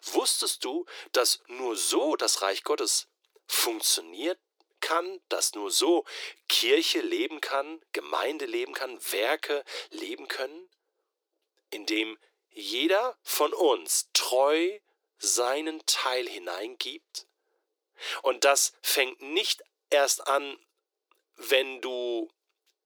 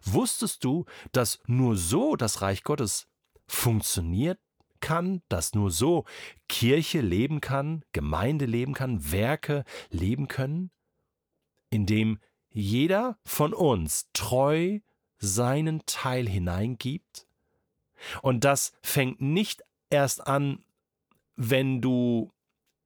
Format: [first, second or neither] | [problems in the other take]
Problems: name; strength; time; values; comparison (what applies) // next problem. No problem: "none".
second | thin; very; fading below 300 Hz